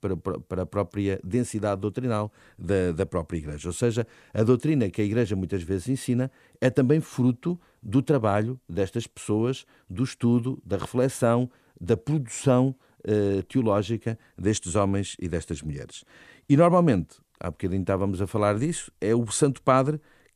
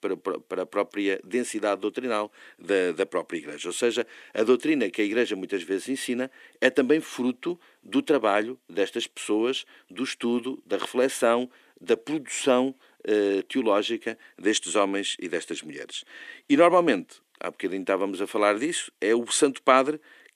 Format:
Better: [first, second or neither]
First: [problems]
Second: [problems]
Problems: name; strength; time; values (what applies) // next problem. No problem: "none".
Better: first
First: none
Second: thin; very slightly; fading below 300 Hz